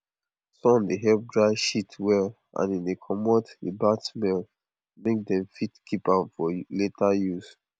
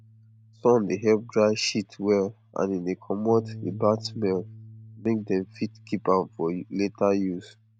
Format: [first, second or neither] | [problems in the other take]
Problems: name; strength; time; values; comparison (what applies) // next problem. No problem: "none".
first | background sound (Bass guitar); 19 dB below the speech